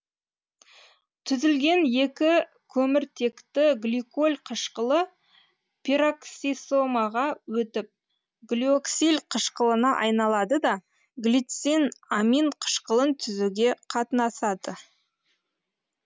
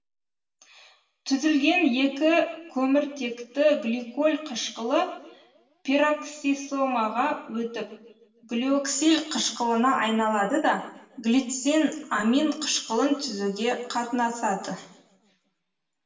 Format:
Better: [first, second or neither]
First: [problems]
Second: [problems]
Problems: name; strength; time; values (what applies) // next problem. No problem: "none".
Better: first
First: none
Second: room echo; dies away in 0.9 s